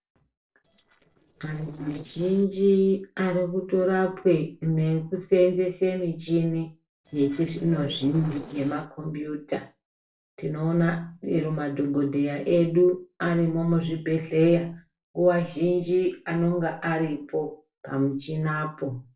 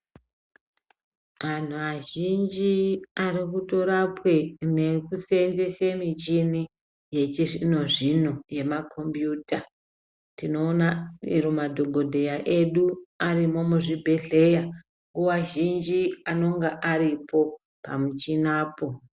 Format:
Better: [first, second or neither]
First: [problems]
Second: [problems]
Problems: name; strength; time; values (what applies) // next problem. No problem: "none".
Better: second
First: noise reduction (neural separator model SepFormer DNS4)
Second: none